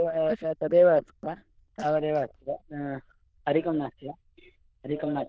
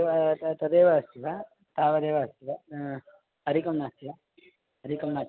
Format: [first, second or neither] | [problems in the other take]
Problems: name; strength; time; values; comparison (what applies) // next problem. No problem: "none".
second | noise reduction (neural diffusion model UNIVERSE++)